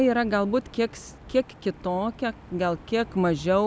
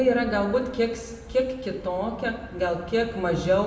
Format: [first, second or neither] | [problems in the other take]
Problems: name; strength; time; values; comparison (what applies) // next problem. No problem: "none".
first | room echo; dies away in 1.1 s